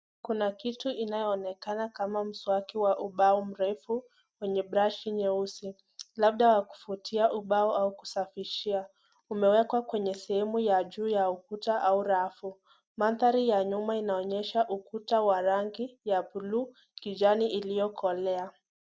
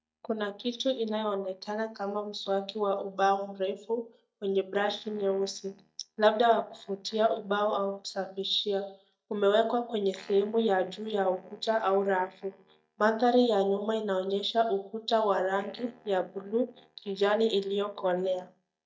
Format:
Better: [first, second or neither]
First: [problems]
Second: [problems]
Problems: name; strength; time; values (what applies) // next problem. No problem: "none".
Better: first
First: none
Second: noise reduction (neural mask model DeepFilterNet 3)